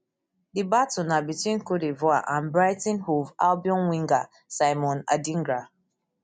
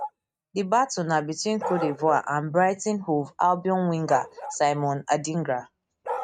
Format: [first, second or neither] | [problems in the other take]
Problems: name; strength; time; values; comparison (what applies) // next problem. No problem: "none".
first | noise reduction (neural mask model RNNoise)